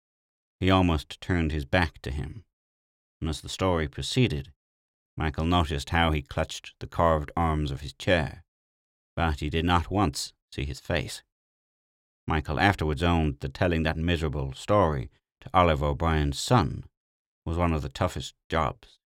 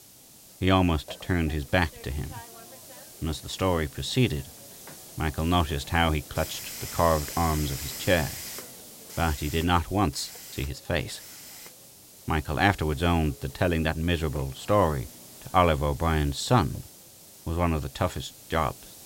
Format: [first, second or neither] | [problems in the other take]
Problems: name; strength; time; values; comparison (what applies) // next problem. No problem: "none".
first | hiss; noticeable; throughout; 15 dB below the speech